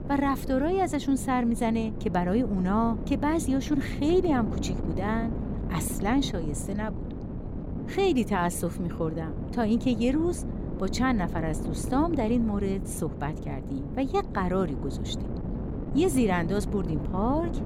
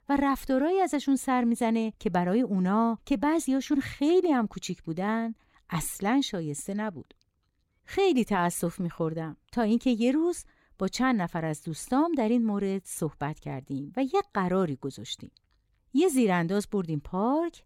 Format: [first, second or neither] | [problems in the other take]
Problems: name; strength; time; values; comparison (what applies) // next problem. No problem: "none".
second | wind noise on the microphone; occasional gusts; 10 dB below the speech